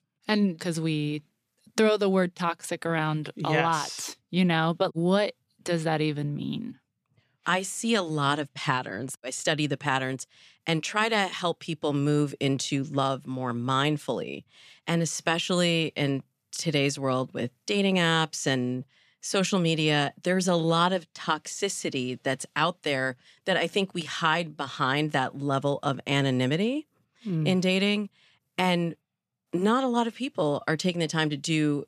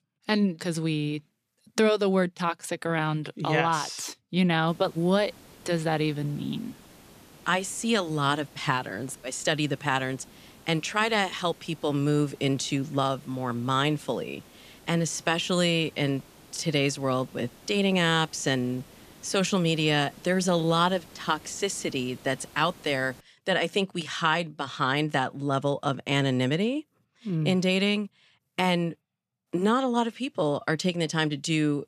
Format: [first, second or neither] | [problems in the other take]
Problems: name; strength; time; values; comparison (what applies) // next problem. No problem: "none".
first | hiss; faint; from 4.5 to 23 s; 25 dB below the speech